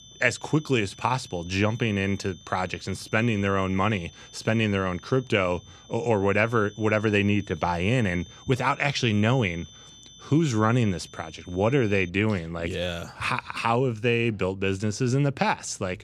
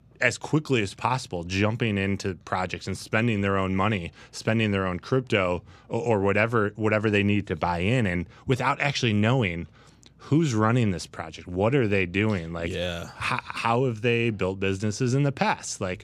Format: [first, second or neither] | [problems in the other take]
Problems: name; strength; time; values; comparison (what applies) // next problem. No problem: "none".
second | high-pitched whine; faint; until 12 s; 3.5 kHz, 20 dB below the speech